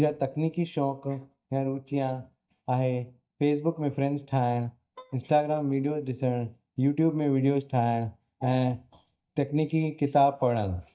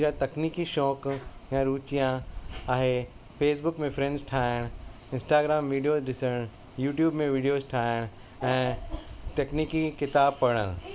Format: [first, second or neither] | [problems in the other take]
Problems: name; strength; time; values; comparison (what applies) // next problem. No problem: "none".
second | noise reduction (neural mask model DeepFilterNet 3)